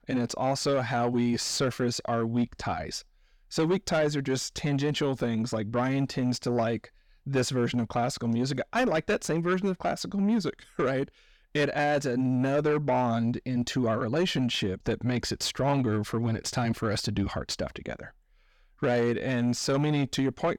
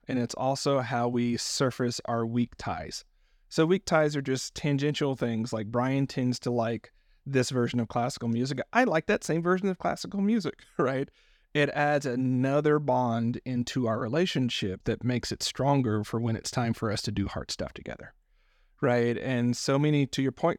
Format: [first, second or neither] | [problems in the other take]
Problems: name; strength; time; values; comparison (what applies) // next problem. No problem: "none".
second | distortion; slight; 10 dB below the speech